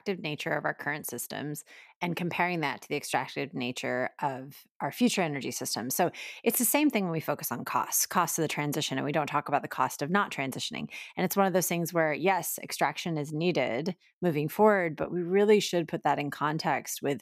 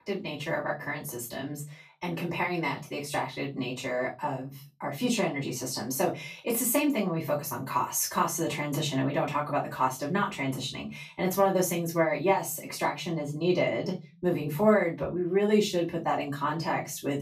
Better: first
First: none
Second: off-mic speech; far // room echo; very slight; dies away in 0.3 s

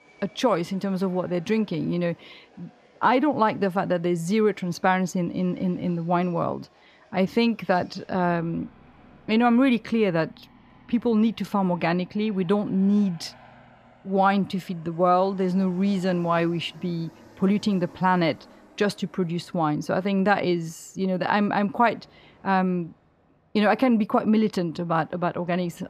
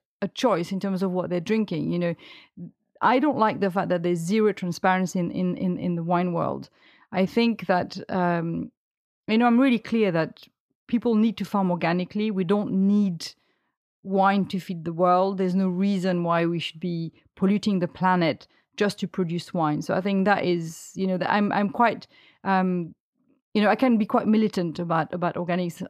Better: second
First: train or aircraft noise; faint; throughout; 30 dB below the speech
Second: none

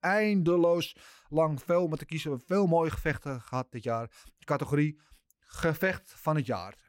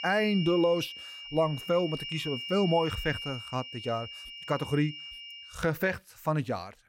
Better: first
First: none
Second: high-pitched whine; loud; until 5.5 s; 3 kHz, 9 dB below the speech

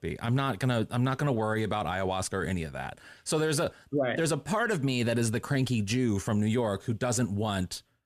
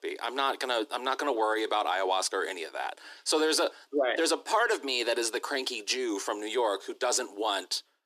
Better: first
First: none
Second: thin; very; fading below 300 Hz

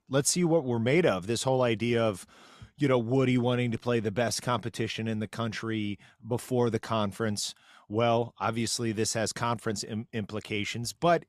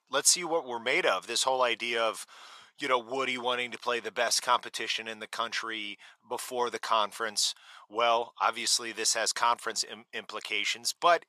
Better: first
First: none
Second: thin; very; fading below 750 Hz

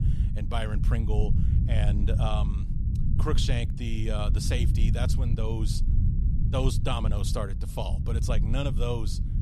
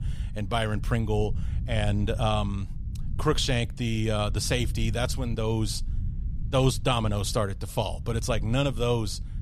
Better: second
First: low rumble; loud; throughout; 7 dB below the speech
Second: low rumble; faint; throughout; 20 dB below the speech

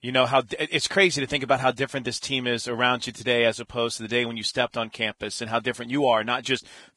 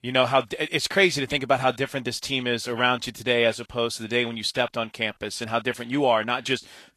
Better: second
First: garbled, watery; badly; nothing above 10.5 kHz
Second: garbled, watery; slightly; nothing above 12.5 kHz

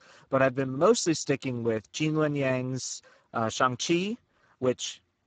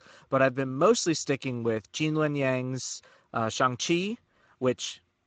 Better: second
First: garbled, watery; badly; nothing above 7.5 kHz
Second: garbled, watery; slightly; nothing above 7.5 kHz

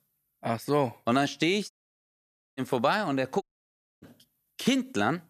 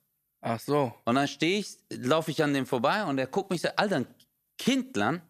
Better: second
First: audio cutting out; at 1.5 s for 1 s and at 3.5 s for 0.5 s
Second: none

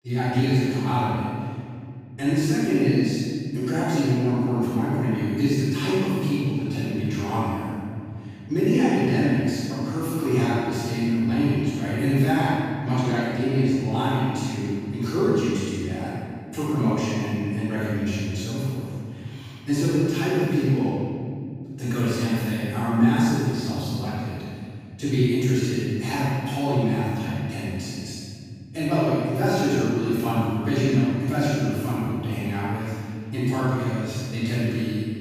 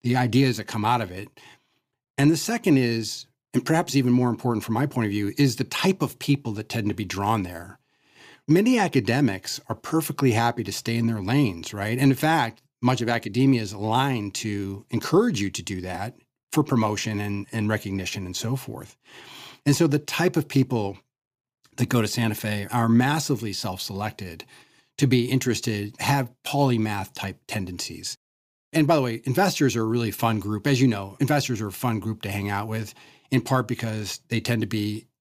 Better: second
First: off-mic speech; far // room echo; strong; dies away in 2.7 s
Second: none

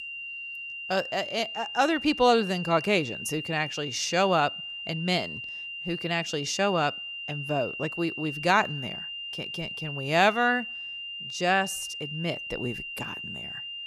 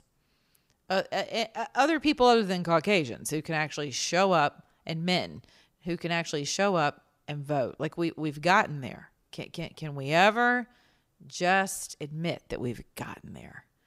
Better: second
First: high-pitched whine; loud; throughout; 3 kHz, 8 dB below the speech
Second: none

